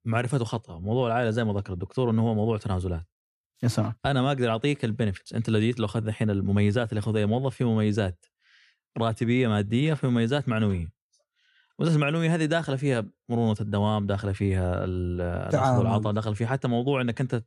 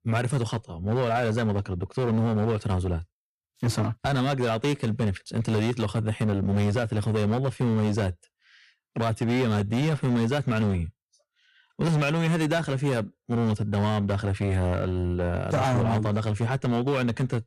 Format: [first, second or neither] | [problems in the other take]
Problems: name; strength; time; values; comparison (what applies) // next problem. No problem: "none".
first | distortion; slight; 14% of the sound clipped